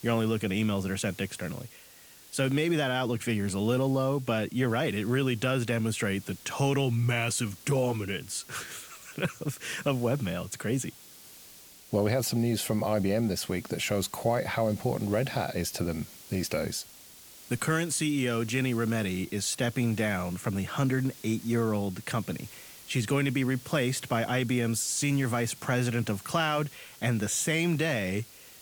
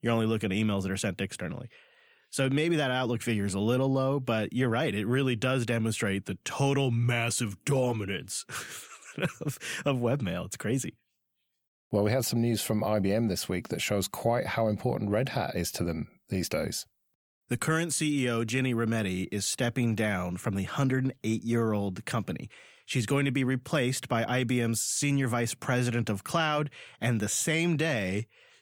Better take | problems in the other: second | hiss; noticeable; throughout; 20 dB below the speech

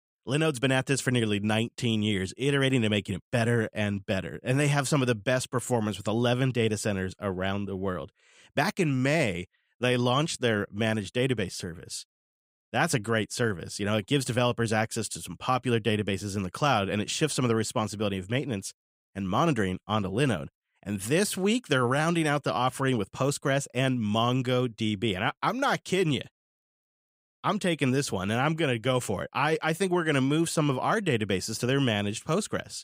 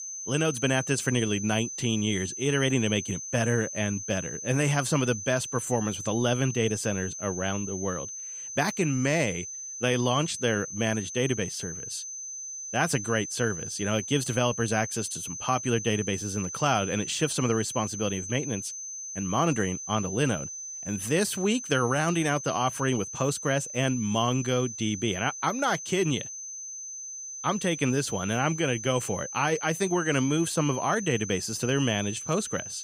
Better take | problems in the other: first | high-pitched whine; loud; throughout; 6 kHz, 7 dB below the speech

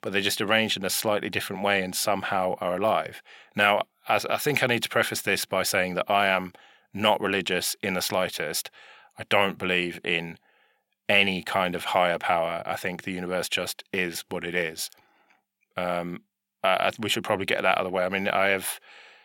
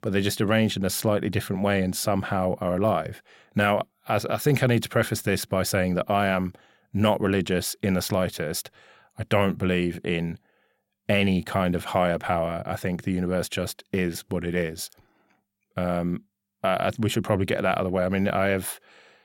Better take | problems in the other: second | thin; somewhat; fading below 1 kHz

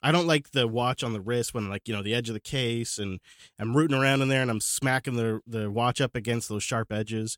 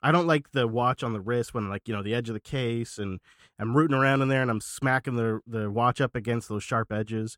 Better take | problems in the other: first | muffled; slightly; fading above 2.5 kHz

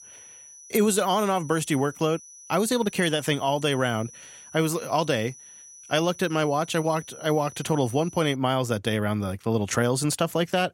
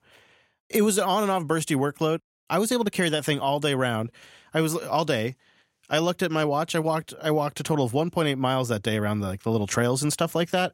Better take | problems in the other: second | high-pitched whine; noticeable; until 8.5 s; 6 kHz, 20 dB below the speech

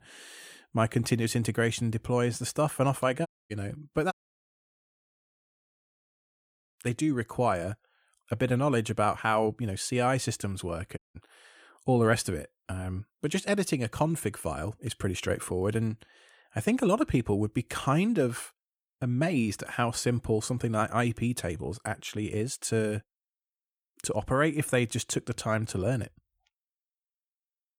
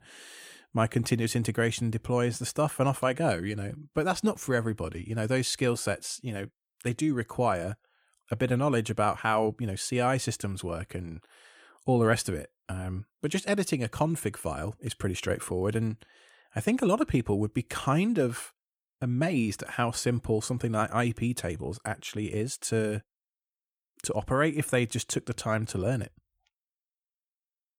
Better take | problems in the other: second | audio cutting out; at 3.5 s, at 4 s for 2.5 s and at 11 s

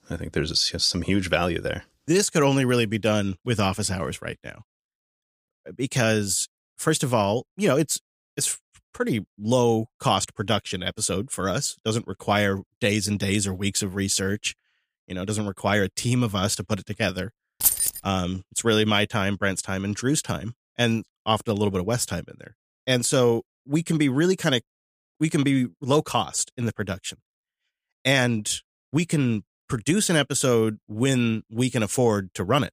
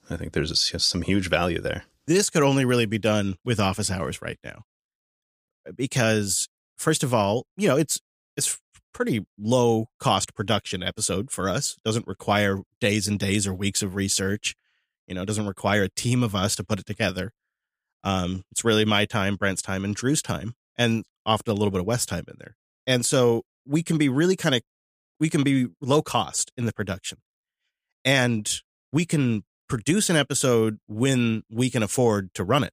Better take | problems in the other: second | jangling keys; loud; at 18 s; peak 5 dB above the speech

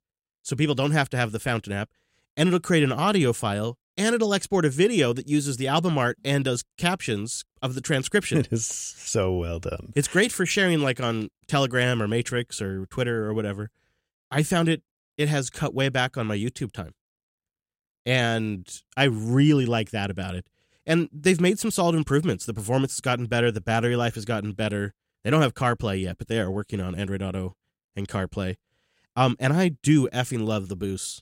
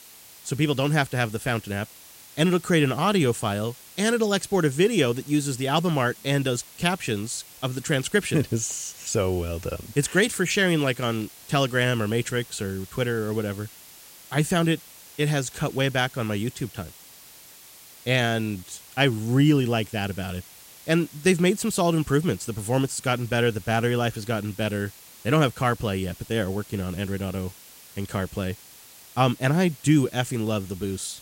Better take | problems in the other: first | hiss; noticeable; throughout; 20 dB below the speech

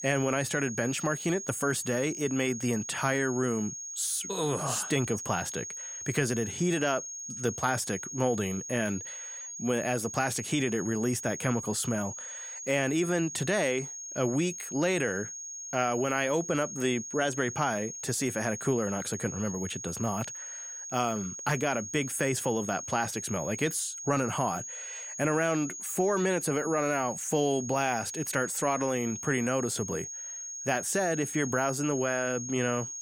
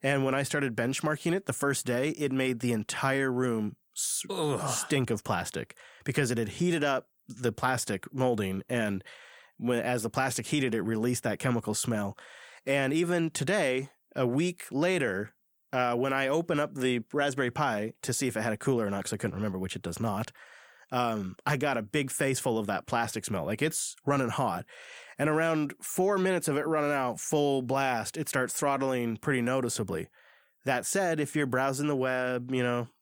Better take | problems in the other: second | high-pitched whine; loud; throughout; 6.5 kHz, 7 dB below the speech

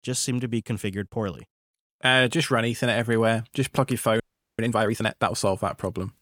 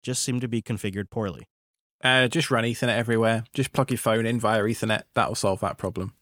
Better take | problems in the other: second | audio freezing; at 4 s

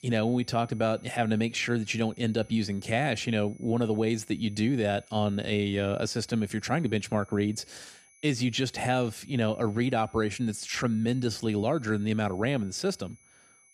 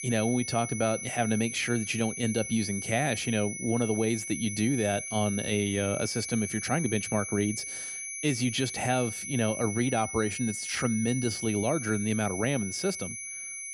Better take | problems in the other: first | high-pitched whine; loud; throughout; 2.5 kHz, 6 dB below the speech; faint in the first

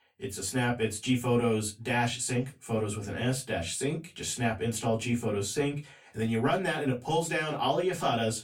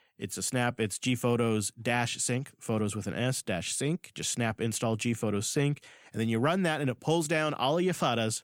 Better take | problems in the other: second | off-mic speech; far // room echo; very slight; dies away in 0.2 s

